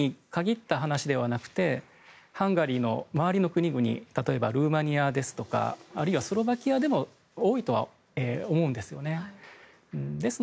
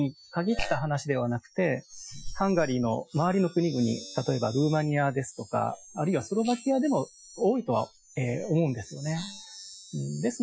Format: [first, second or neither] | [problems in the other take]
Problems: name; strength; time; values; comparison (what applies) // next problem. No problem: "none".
first | noise reduction (classical method Wiener filter)